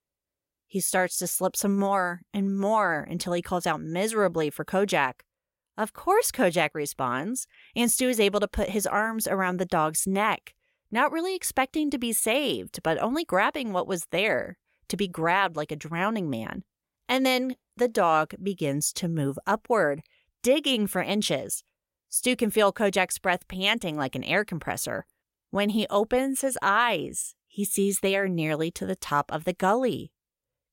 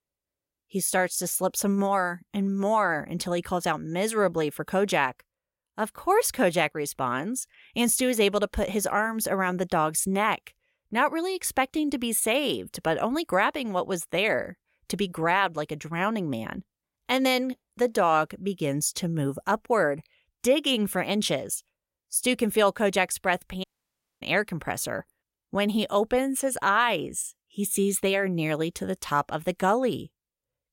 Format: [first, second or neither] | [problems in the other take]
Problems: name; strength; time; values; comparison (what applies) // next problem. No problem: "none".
first | audio cutting out; at 24 s for 0.5 s